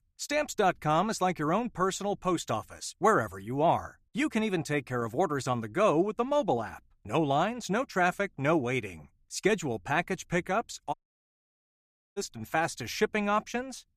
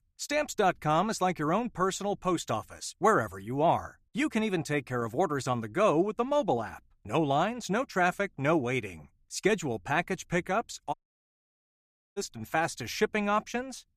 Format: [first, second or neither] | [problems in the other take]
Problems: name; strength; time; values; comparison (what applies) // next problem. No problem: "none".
neither | audio cutting out; at 11 s for 1 s; the same in both